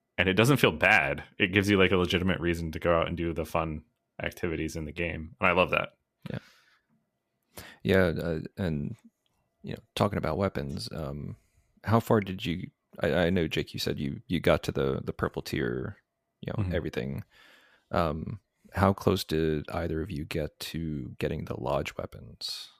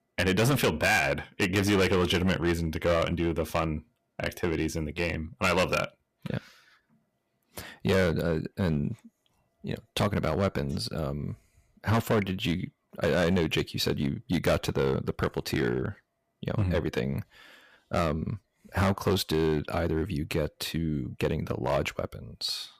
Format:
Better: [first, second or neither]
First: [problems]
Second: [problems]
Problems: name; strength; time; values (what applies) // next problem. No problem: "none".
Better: first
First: none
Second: distortion; heavy; 6% of the sound clipped